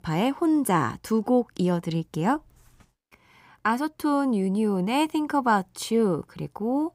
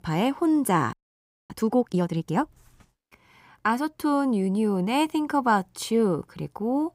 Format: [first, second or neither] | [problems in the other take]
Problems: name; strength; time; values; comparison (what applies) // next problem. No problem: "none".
first | audio freezing; at 1 s for 0.5 s